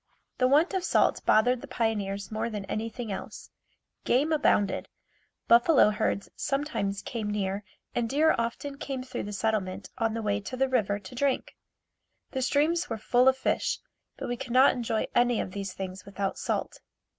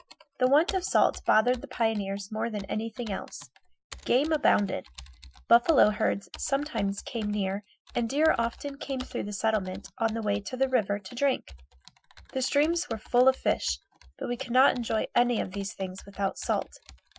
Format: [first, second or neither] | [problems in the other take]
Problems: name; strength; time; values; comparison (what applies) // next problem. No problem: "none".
first | noise reduction (classical method Wiener filter)